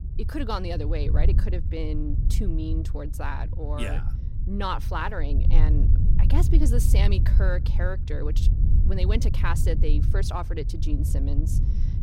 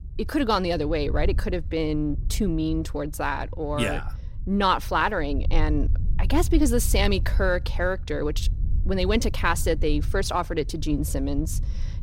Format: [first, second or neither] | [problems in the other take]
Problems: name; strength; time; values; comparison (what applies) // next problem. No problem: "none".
second | low rumble; loud; throughout; 8 dB below the speech; faint in the second